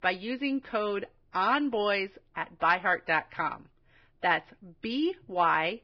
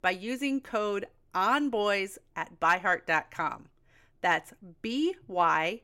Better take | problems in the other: second | garbled, watery; badly; nothing above 5 kHz

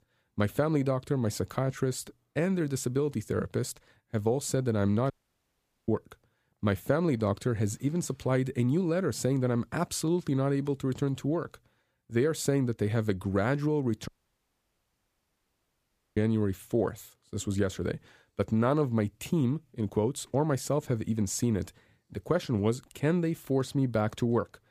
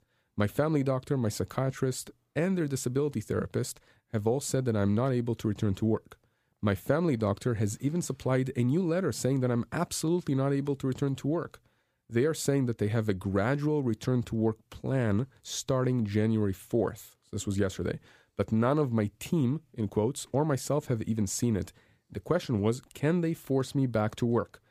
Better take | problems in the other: second | audio cutting out; at 5 s for 1 s and at 14 s for 2 s

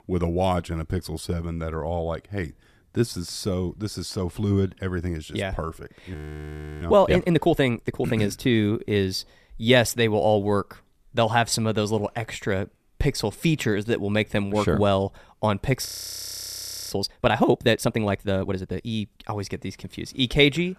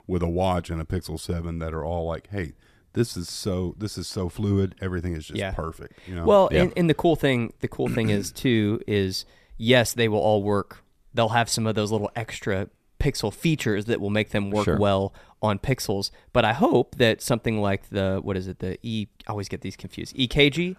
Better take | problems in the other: second | audio freezing; at 6 s for 0.5 s and at 16 s for 1 s

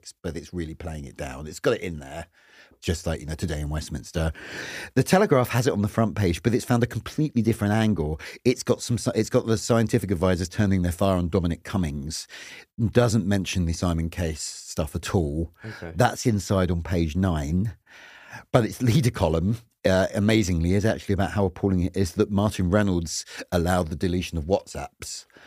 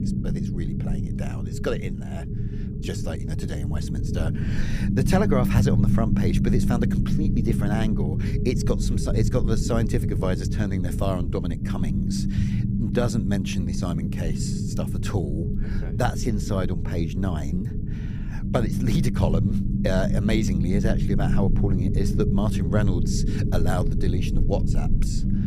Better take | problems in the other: first | low rumble; loud; throughout; 4 dB below the speech

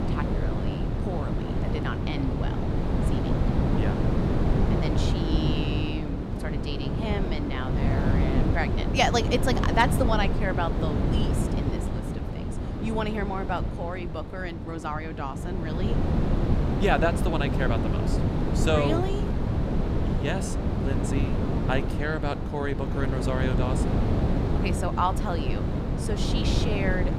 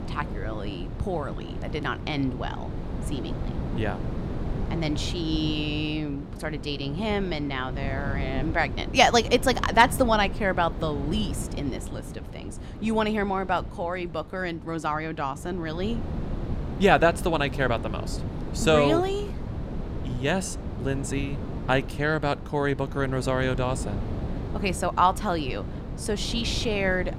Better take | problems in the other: second | wind noise on the microphone; heavy; 3 dB below the speech; occasional gusts in the second

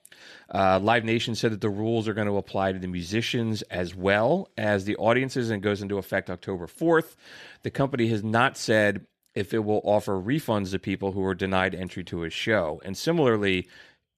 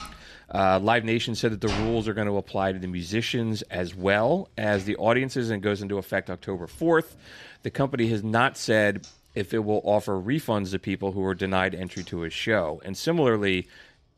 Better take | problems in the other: first | household noises; noticeable; throughout; 20 dB below the speech

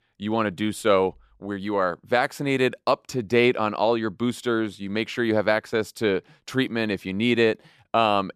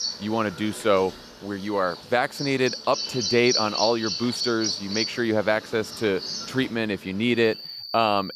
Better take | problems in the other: first | animal sounds; loud; throughout; 5 dB below the speech

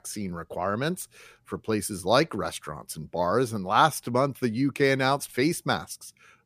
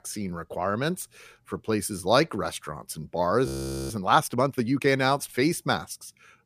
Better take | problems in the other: first | audio freezing; at 3.5 s

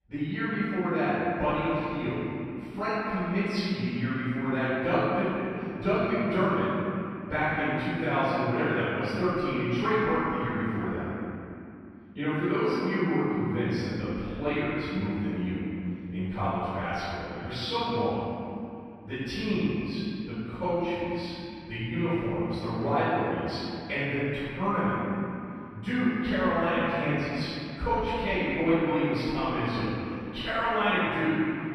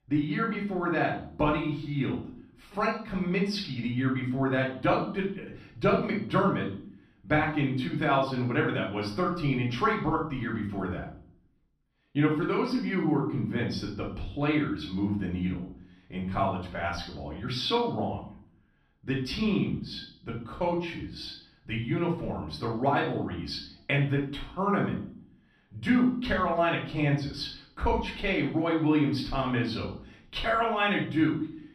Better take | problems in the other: second | room echo; strong; dies away in 2.9 s; slight in the second // off-mic speech; far; far in the second

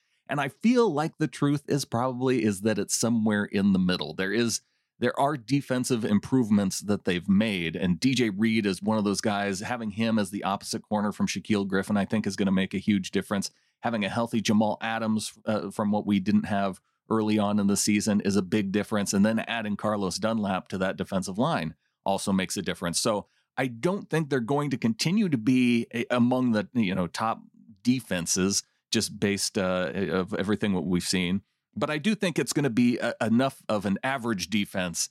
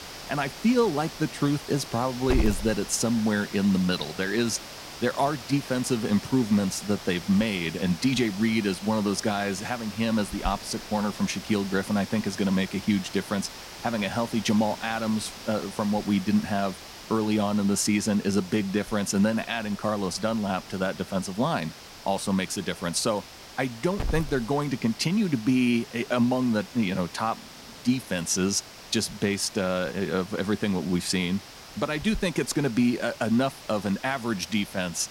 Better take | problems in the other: first | hiss; noticeable; throughout; 15 dB below the speech

